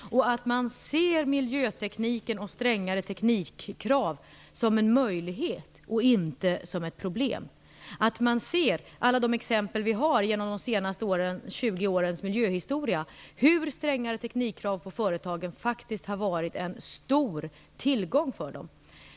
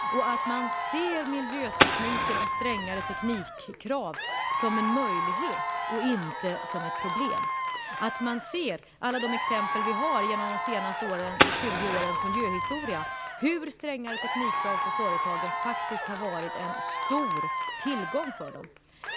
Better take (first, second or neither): first